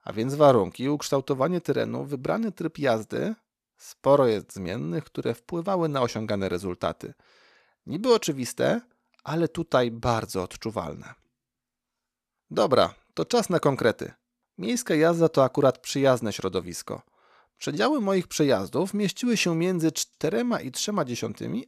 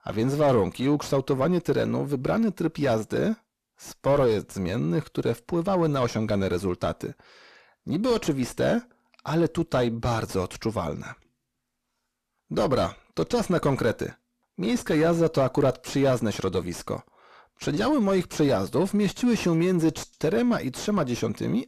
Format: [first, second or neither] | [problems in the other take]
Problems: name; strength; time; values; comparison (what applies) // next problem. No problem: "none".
first | distortion; heavy; 6 dB below the speech